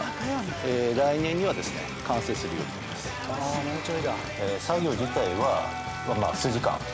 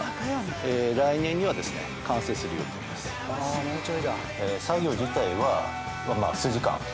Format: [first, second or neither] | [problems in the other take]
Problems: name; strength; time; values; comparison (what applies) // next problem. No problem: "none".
second | background sound (Liquid); 18 dB below the speech